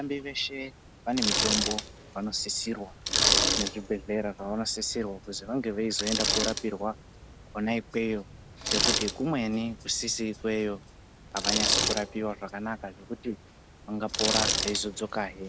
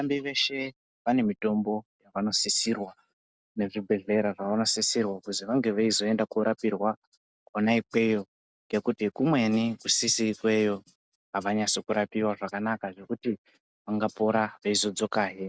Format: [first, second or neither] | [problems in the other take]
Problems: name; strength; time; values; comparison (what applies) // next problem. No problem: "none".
second | background sound (Bicycle); as loud as the speech